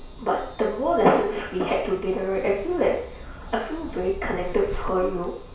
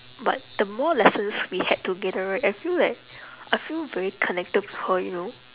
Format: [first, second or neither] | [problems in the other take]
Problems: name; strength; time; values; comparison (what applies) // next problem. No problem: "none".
second | background sound (Zipper (clothing)); 12 dB below the speech // room echo; dies away in 0.6 s